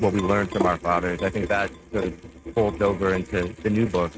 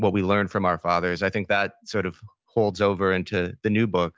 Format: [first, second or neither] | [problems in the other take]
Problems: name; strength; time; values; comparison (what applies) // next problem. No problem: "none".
second | noise reduction (neural mask model RNNoise)